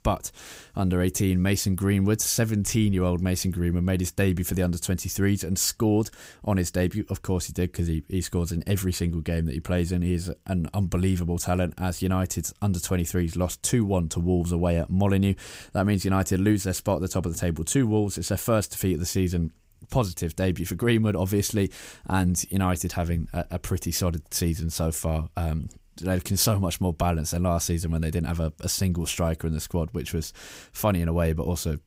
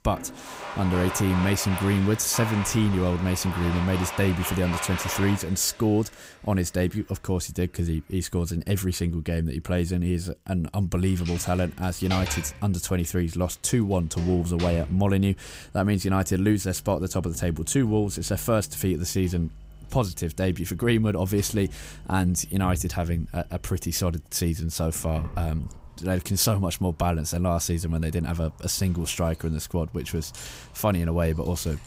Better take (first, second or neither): first